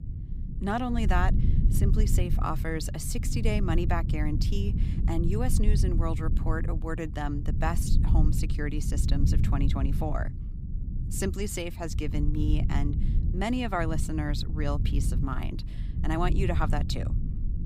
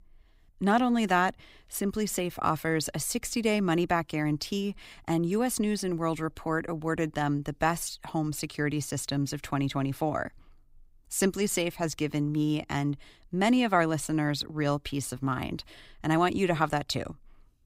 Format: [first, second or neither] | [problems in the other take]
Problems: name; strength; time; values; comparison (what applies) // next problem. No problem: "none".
second | low rumble; loud; throughout; 9 dB below the speech